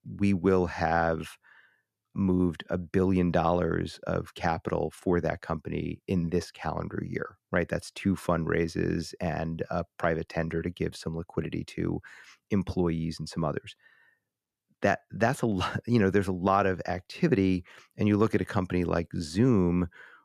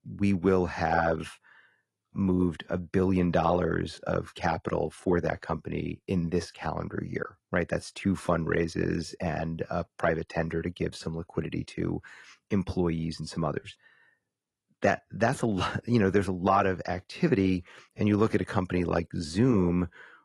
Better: first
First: none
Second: garbled, watery; slightly

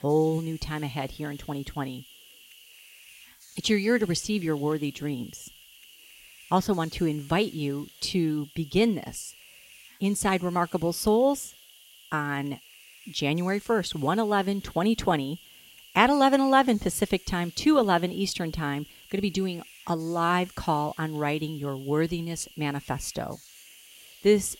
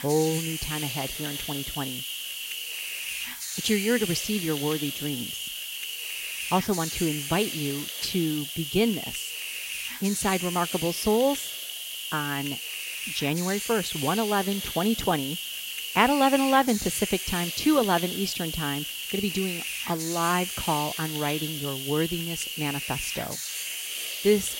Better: first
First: hiss; faint; throughout; 20 dB below the speech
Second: hiss; loud; throughout; 4 dB below the speech

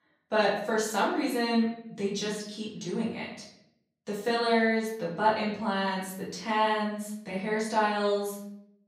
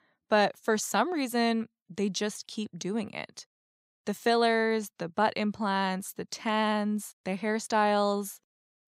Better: second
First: off-mic speech; far // room echo; noticeable; dies away in 0.6 s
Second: none

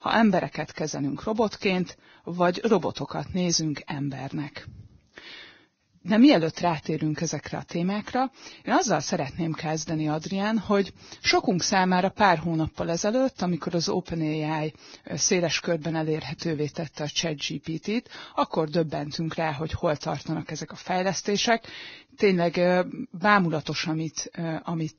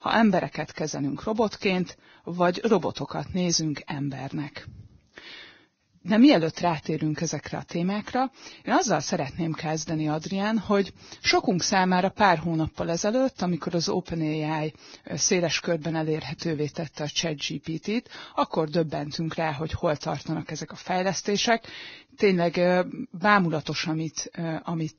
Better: neither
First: garbled, watery; badly; nothing above 6.5 kHz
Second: garbled, watery; badly; nothing above 6.5 kHz

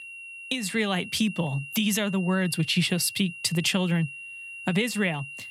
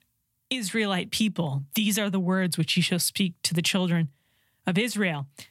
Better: second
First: high-pitched whine; noticeable; throughout; 2.5 kHz, 10 dB below the speech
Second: none

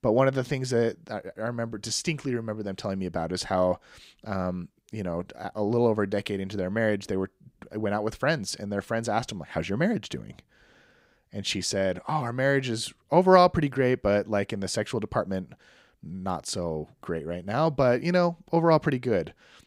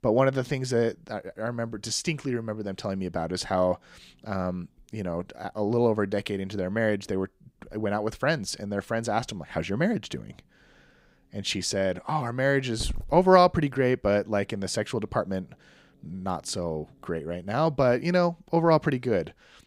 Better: first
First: none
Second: hiss; faint; throughout; 20 dB below the speech

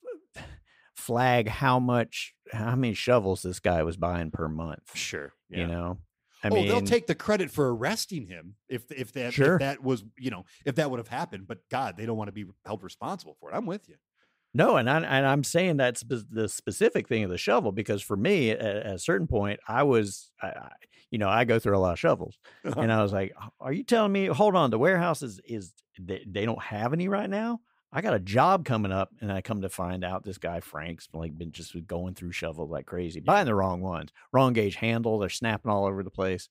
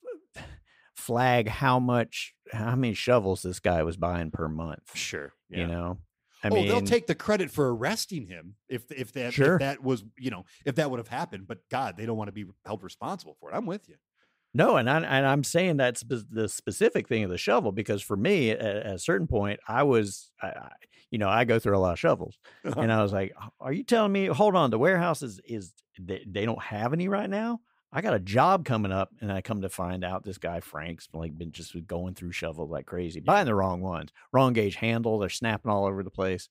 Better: neither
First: none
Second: none

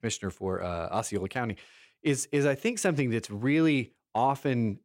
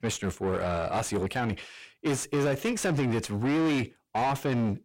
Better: first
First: none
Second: distortion; heavy; 7 dB below the speech

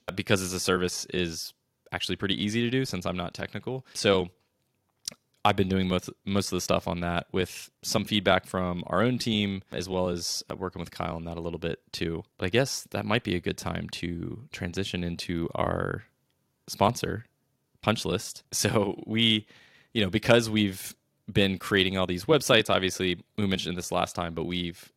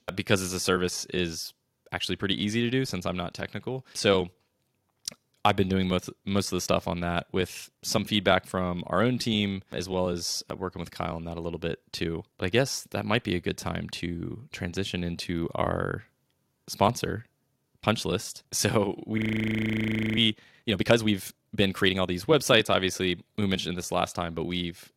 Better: first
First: none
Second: audio freezing; at 19 s for 1 s

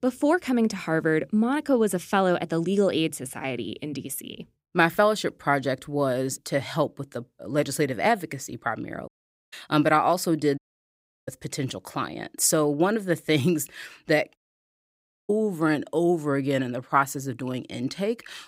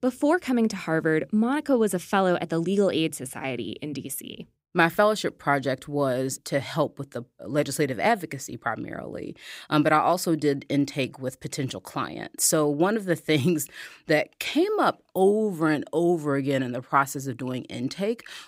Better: second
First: audio cutting out; at 9 s, at 11 s for 0.5 s and at 14 s for 1 s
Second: none

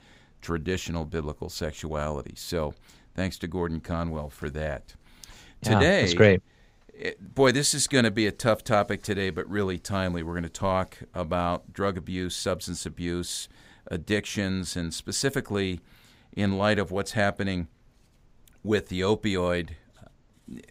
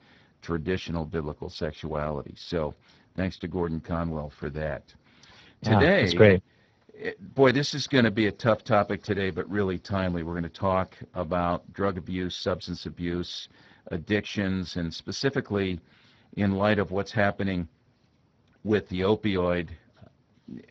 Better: first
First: none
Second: garbled, watery; badly

